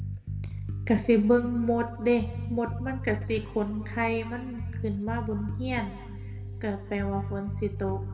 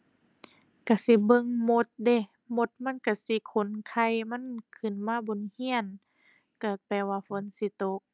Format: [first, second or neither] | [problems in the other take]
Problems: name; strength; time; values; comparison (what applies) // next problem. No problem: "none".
second | background sound (Bass guitar); 6 dB below the speech // room echo; dies away in 1.7 s